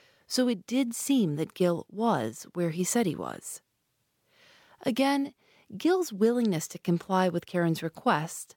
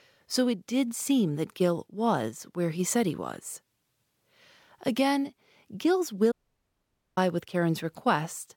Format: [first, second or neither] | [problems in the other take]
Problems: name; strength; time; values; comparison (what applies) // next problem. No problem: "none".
first | audio cutting out; at 6.5 s for 1 s